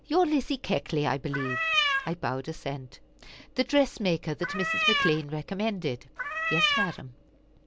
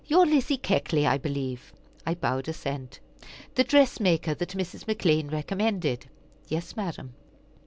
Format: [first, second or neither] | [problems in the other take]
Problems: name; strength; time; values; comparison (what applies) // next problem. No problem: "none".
second | background sound (Cat); 2 dB above the speech